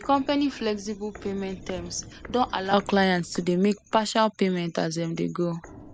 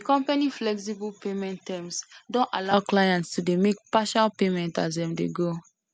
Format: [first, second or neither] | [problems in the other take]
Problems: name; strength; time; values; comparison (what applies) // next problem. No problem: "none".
second | background sound (Walk, footsteps); 20 dB below the speech